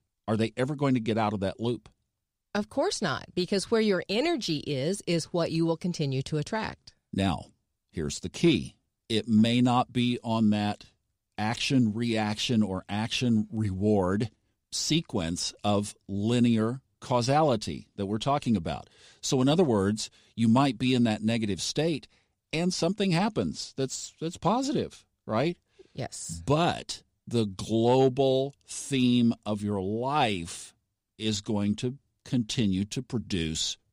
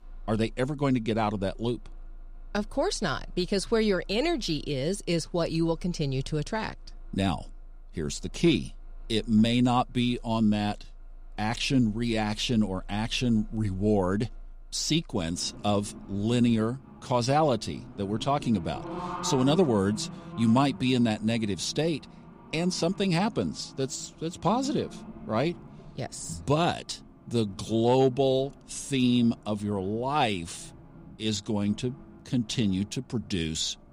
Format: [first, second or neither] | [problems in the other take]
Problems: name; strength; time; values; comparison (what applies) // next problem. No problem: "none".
first | traffic noise; noticeable; throughout; 20 dB below the speech